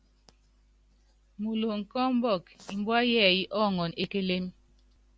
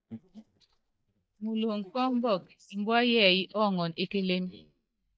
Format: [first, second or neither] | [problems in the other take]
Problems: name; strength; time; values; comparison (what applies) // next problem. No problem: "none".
first | noise reduction (neural mask model DeepFilterNet 3)